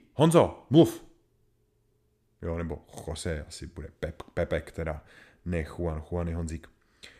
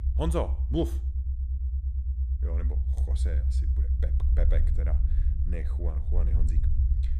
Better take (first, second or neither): first